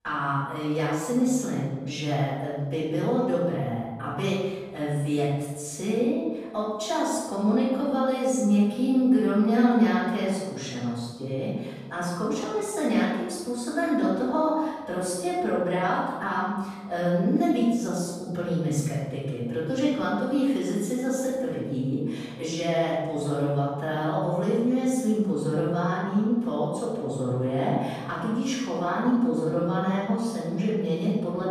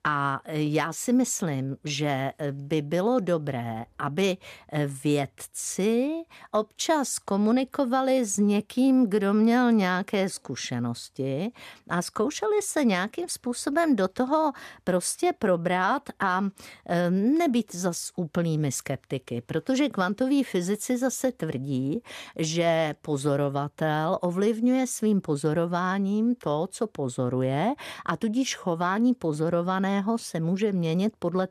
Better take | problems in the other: second | off-mic speech; far // room echo; strong; dies away in 1.2 s

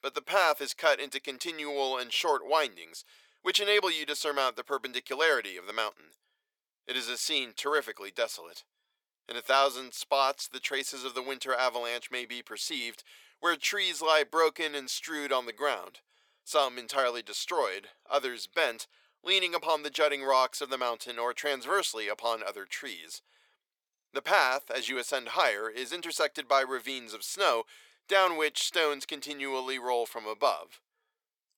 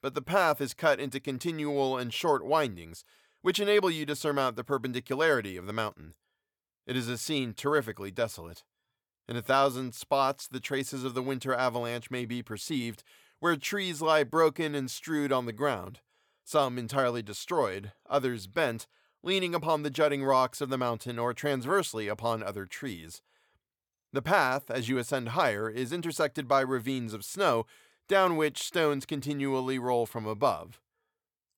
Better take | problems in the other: second | thin; somewhat; fading below 400 Hz

